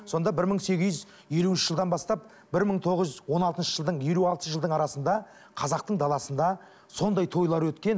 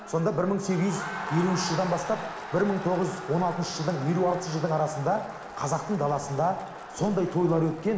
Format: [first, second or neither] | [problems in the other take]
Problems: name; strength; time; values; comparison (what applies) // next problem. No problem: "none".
first | background sound (Crowd); 11 dB below the speech // room echo; dies away in 1 s